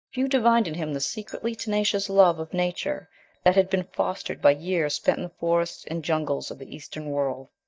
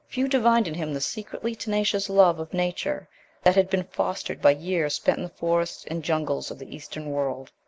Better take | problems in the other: second | noise reduction (neural mask model DeepFilterNet 3)

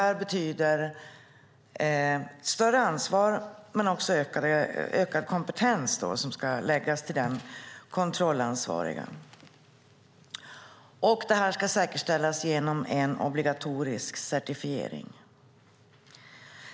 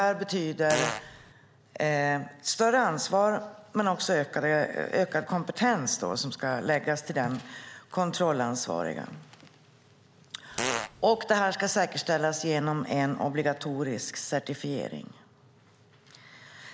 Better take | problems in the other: first | background sound (Fart); 4 dB below the speech

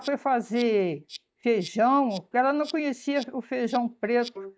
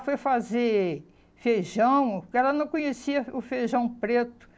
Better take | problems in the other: second | noise reduction (neural mask model DeepFilterNet 3)

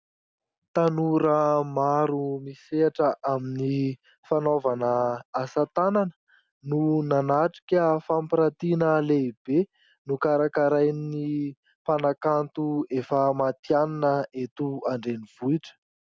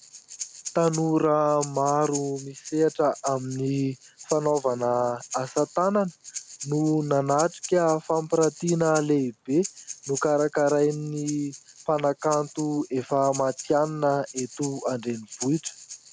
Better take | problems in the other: first | background sound (Breathing); 15 dB below the speech

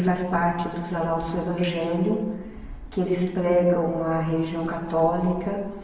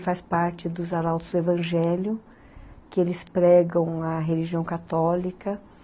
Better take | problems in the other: second | room echo; dies away in 1.2 s

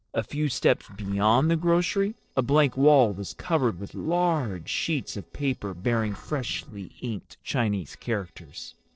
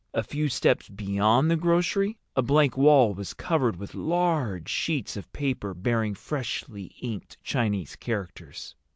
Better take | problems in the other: second | noise reduction (neural separator model SepFormer DNS4)

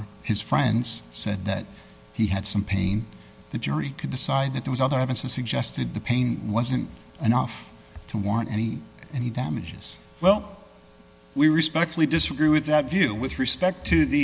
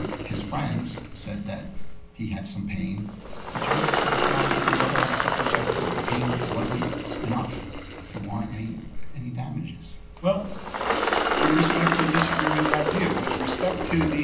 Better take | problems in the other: first | background sound (Engine); 2 dB above the speech // room echo; dies away in 0.6 s

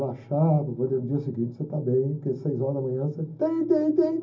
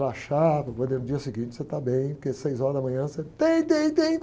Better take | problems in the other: second | room echo; dies away in 0.4 s

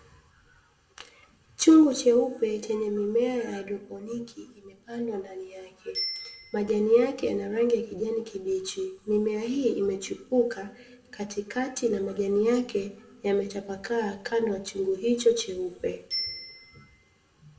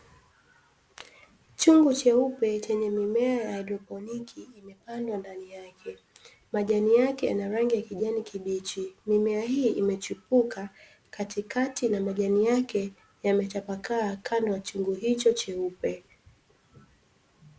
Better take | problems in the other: second | background sound (Bicycle bell); 18 dB below the speech // room echo; dies away in 1 s

